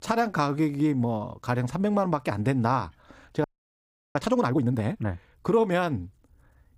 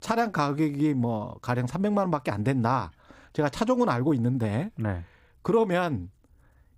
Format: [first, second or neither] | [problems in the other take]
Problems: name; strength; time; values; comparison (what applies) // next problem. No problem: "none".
second | audio freezing; at 3.5 s for 0.5 s